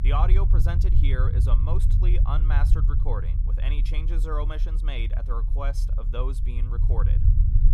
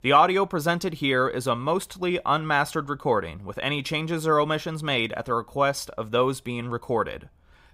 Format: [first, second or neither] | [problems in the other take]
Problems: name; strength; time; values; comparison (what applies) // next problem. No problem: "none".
second | low rumble; loud; throughout; 6 dB below the speech